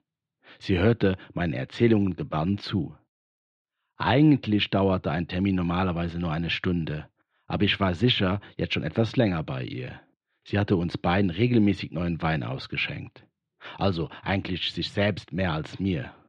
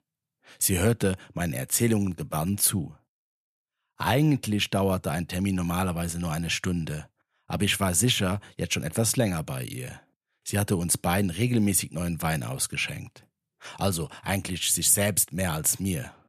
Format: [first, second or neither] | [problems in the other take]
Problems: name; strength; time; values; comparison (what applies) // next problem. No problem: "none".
second | muffled; slightly; fading above 4 kHz